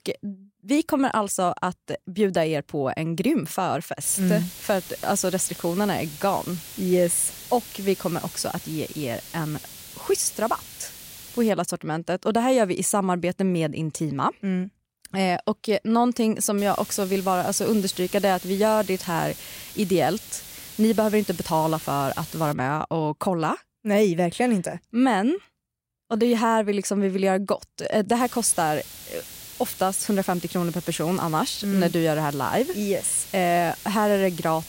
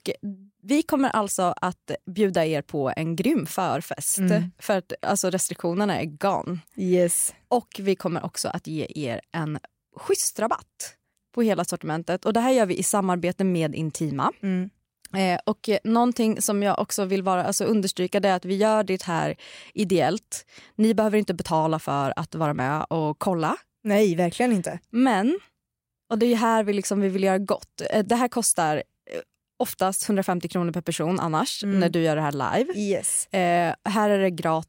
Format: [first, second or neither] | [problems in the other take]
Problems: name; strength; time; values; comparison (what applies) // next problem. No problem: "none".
second | hiss; noticeable; from 4 to 12 s, from 17 to 23 s and from 28 s on; 15 dB below the speech